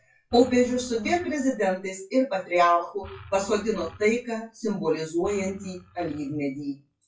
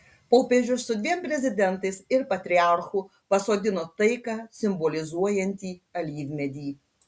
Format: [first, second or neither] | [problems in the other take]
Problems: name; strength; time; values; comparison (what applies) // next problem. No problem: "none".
second | noise reduction (classical method WPE with log-MMSE)